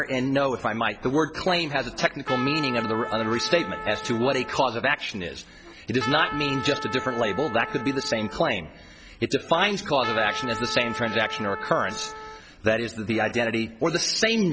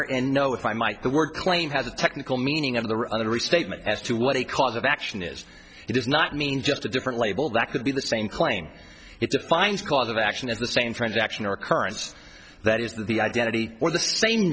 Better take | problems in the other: second | background sound (Trumpet); 9 dB below the speech

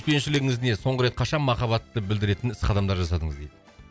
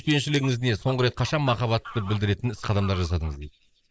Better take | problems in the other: first | noise reduction (neural mask model Resemble Enhance denoiser)

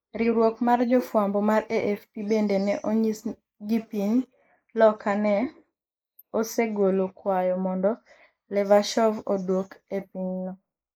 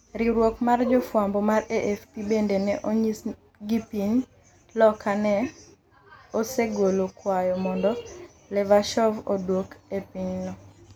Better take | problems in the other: second | noise reduction (neural mask model Resemble Enhance denoiser)

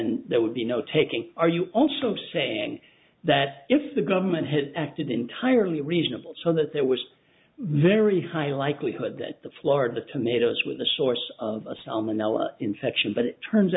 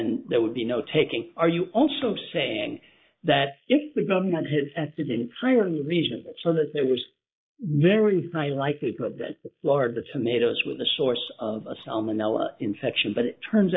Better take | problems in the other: first | noise reduction (neural mask model Resemble Enhance denoiser)

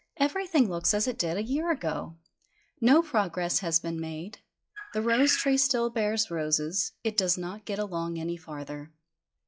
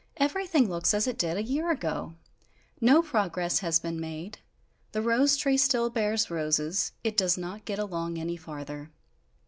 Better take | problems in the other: second | noise reduction (classical method log-MMSE)

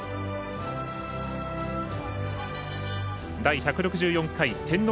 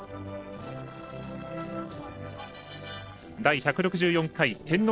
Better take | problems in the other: first | noise reduction (neural separator model SepFormer DNS4)

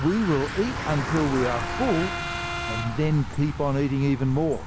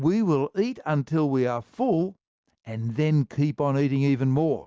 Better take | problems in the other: second | background sound (Bicycle + Brass instrument); 6 dB below the speech

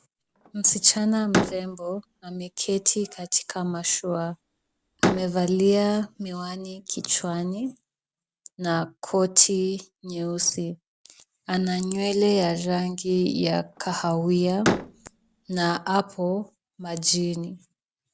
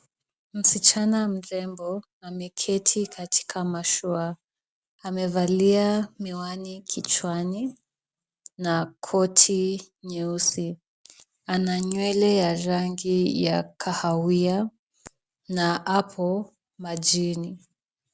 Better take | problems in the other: second | background sound (Slam); 7 dB below the speech

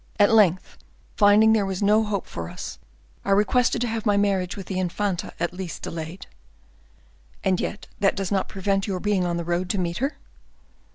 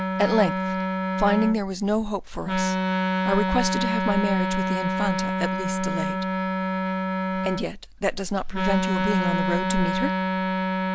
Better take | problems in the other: first | background sound (Wind instrument, woodwind instrument); 1 dB above the speech

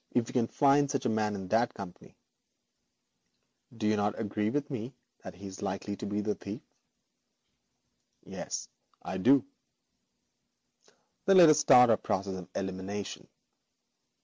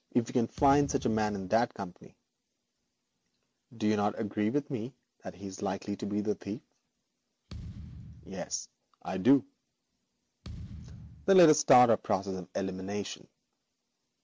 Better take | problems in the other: first | background sound (Thump, thud); 14 dB below the speech

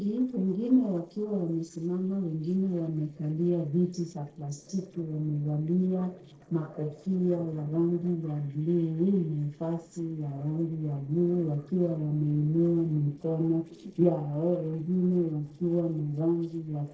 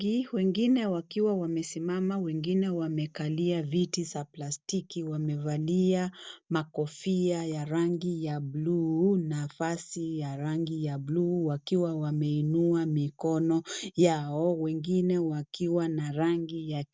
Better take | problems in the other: second | noise reduction (neural separator model SepFormer DNS4)

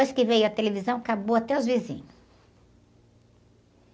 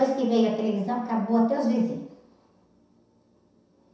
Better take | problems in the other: first | room echo; dies away in 0.7 s

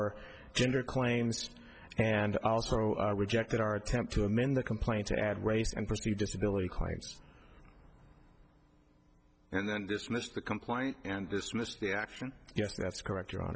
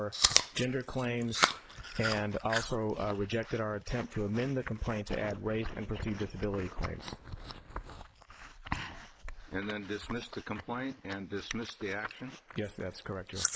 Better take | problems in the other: first | noise reduction (neural mask model Resemble Enhance denoiser)

